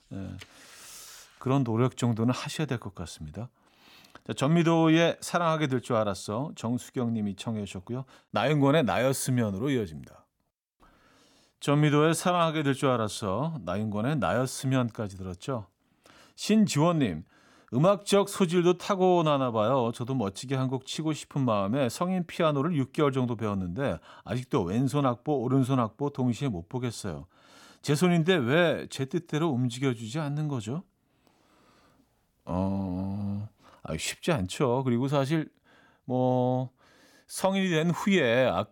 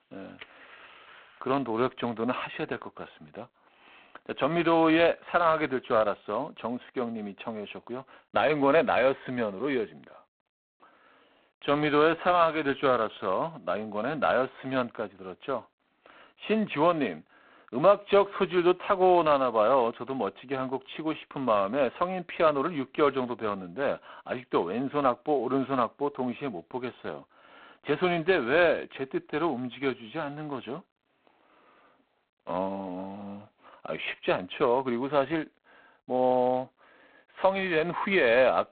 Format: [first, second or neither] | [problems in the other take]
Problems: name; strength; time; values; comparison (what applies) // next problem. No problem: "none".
first | phone-call audio; poor line; nothing above 4 kHz